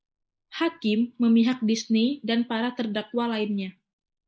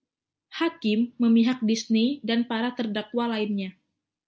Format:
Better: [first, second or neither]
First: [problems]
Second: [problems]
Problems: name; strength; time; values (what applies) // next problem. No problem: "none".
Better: second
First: noise reduction (neural mask model Resemble Enhance denoiser)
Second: none